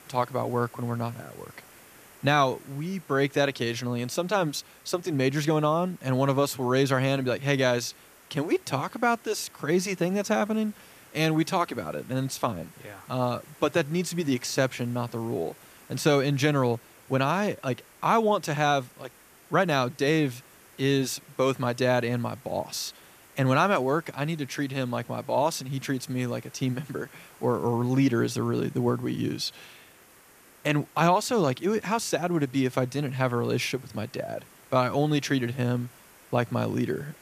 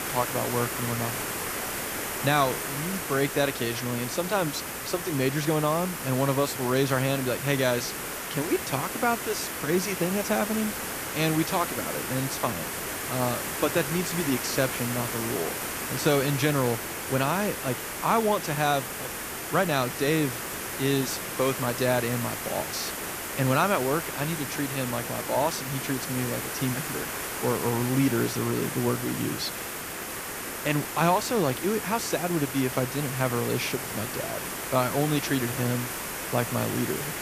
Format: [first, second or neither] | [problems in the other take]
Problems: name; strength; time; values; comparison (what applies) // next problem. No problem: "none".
first | hiss; loud; throughout; 4 dB below the speech; faint in the first